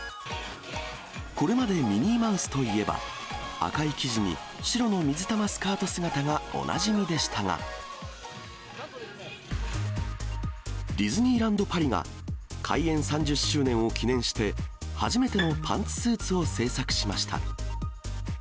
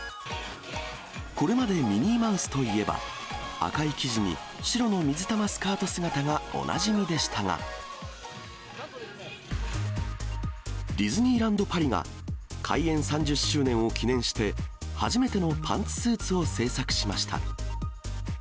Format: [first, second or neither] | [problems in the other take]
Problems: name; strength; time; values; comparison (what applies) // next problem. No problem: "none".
second | background sound (Bowed string instrument); 10 dB below the speech